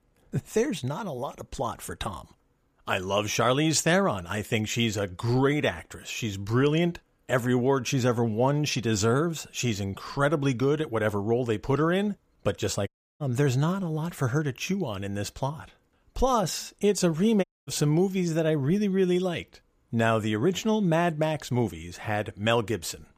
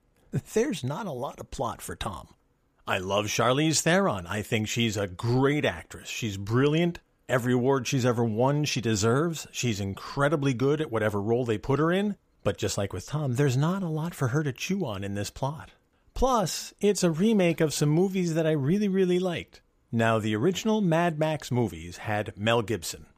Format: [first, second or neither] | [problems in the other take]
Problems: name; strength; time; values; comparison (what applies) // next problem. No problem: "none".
second | audio cutting out; at 13 s and at 17 s